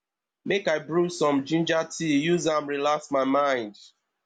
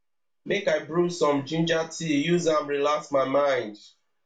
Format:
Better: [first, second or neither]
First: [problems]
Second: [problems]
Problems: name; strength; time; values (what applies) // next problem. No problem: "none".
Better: first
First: none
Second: room echo; dies away in 0.3 s